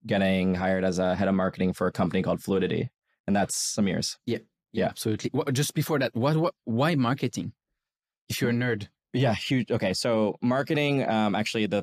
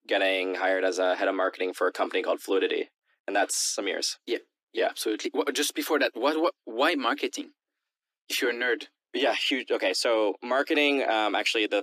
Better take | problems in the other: first | thin; somewhat; fading below 300 Hz

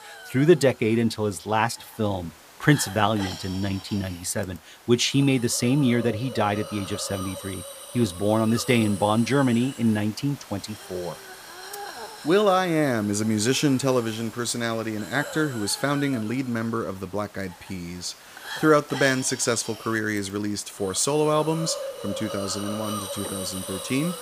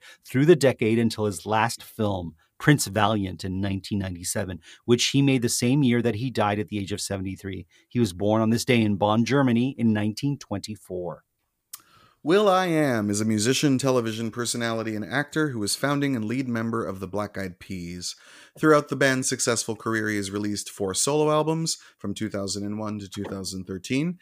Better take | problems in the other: second | hiss; noticeable; throughout; 15 dB below the speech

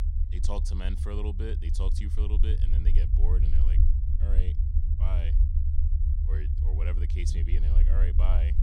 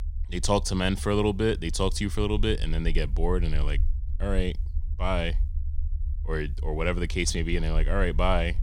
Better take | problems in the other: second | low rumble; loud; throughout; 3 dB below the speech; faint in the second

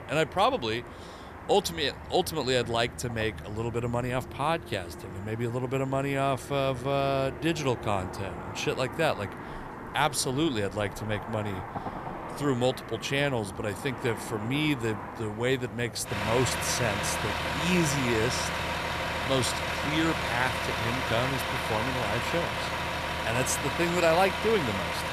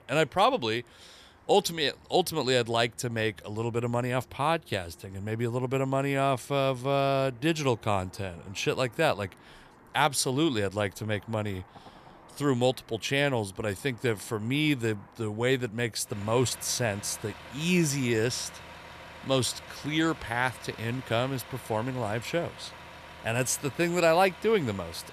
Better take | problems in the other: second | traffic noise; loud; throughout; 4 dB below the speech; faint in the second

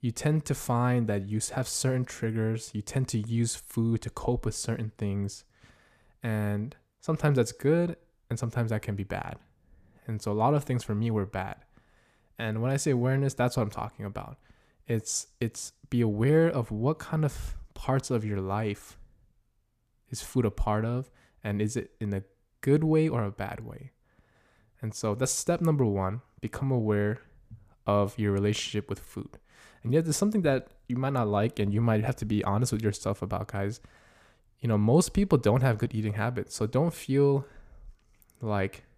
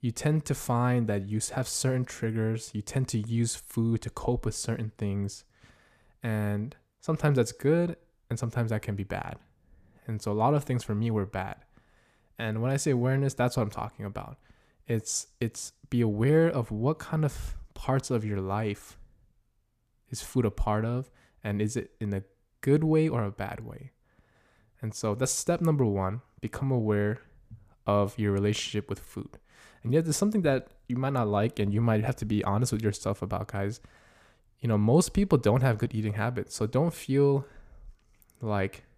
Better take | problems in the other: neither | none

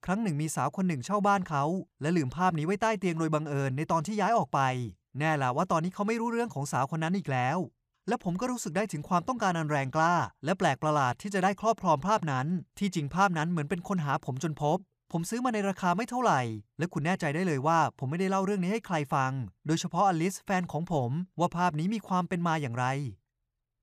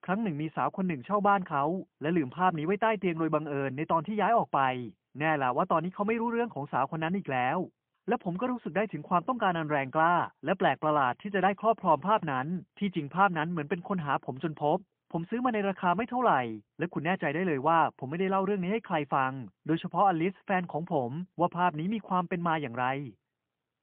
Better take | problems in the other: first | phone-call audio; poor line

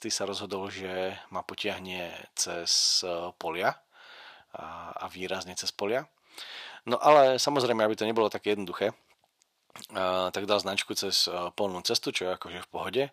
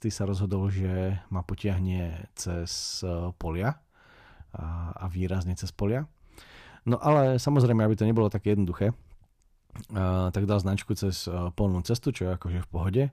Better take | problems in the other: second | thin; very; fading below 500 Hz

